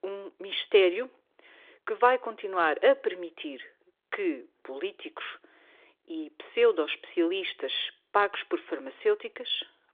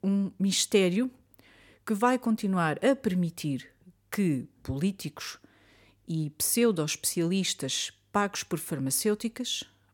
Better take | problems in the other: second | phone-call audio; nothing above 3.5 kHz

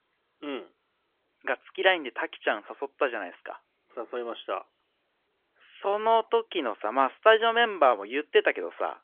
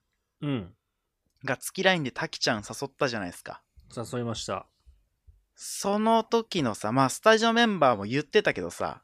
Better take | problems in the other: second | phone-call audio; nothing above 3.5 kHz

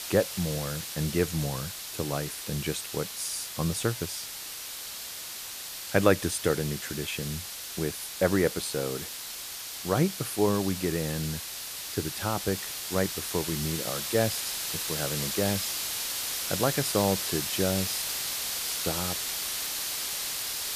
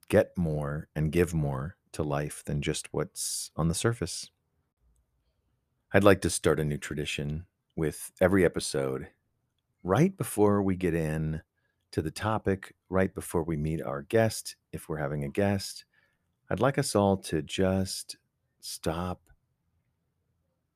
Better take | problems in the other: second | hiss; loud; throughout; 2 dB below the speech

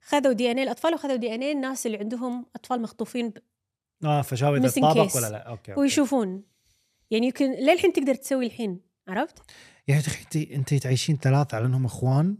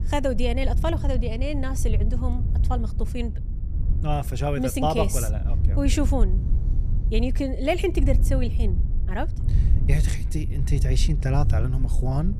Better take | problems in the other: first | wind noise on the microphone; occasional gusts; 15 dB below the speech

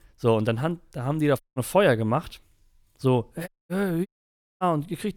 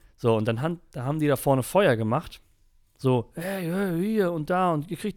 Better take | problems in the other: second | audio cutting out; at 1.5 s, at 3.5 s and at 4 s for 0.5 s

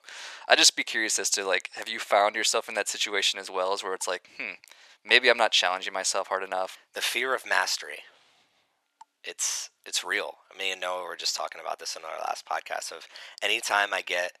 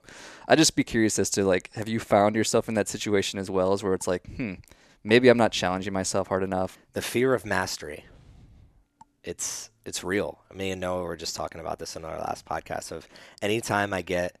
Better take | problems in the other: second | thin; very; fading below 800 Hz

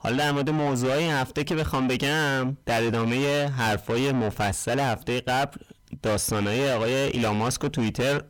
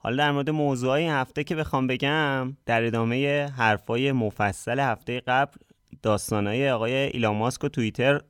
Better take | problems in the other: second | distortion; heavy; 5 dB below the speech

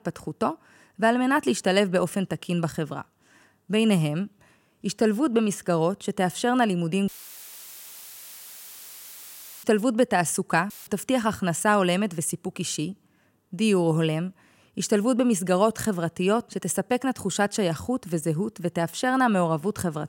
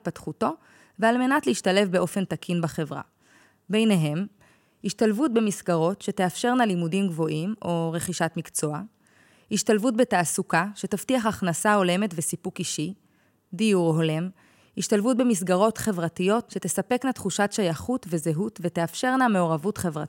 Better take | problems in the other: second | audio cutting out; filled with static; at 7 s for 2.5 s and at 11 s

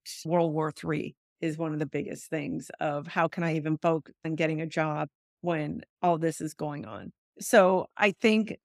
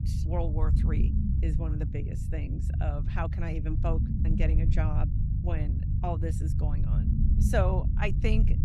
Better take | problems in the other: first | low rumble; loud; throughout; 6 dB below the speech

